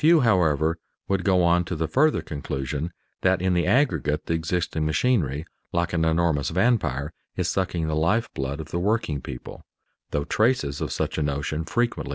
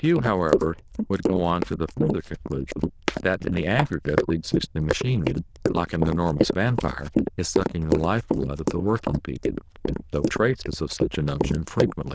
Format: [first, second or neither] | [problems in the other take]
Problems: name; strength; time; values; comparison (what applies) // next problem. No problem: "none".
first | noise reduction (neural diffusion model UNIVERSE++)